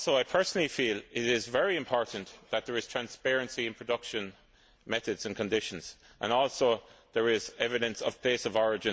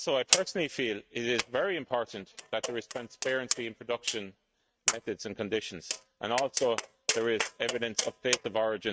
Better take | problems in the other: first | noise reduction (neural mask model RNNoise)

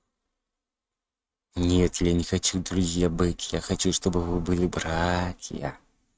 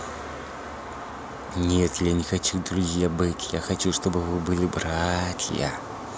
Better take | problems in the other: second | noise reduction (neural mask model RNNoise)

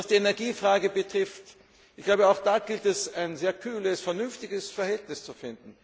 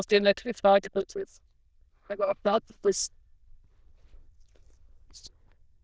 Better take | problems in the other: first | noise reduction (neural diffusion model UNIVERSE++)

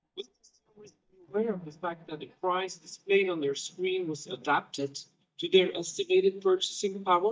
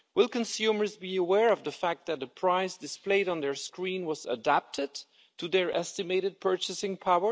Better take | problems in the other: second | noise reduction (neural mask model DeepFilterNet 3)

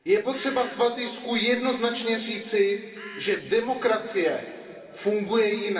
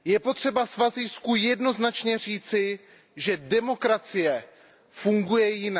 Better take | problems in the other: second | background sound (Bird); 15 dB below the speech // room echo; dies away in 2.5 s

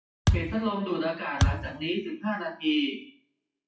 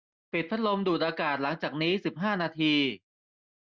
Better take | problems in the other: second | noise reduction (classical method WPE with log-MMSE)

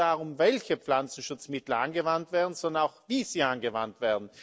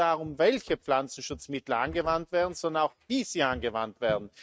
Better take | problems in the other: first | noise reduction (neural mask model RNNoise)

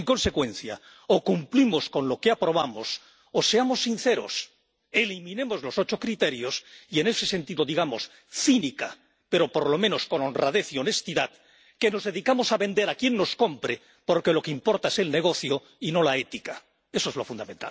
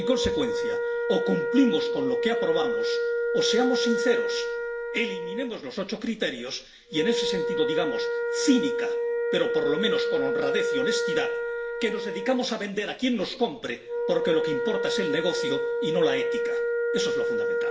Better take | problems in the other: first | background sound (Wind instrument, woodwind instrument); 1 dB above the speech // room echo; dies away in 0.6 s

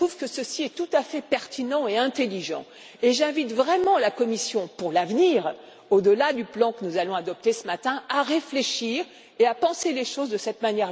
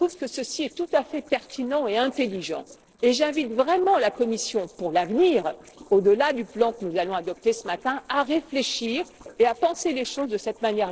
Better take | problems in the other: first | noise reduction (neural separator model SepFormer DNS4)

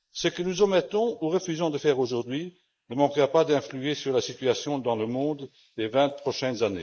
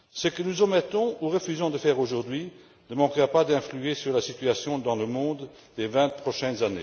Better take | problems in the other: second | noise reduction (neural mask model Resemble Enhance denoiser)

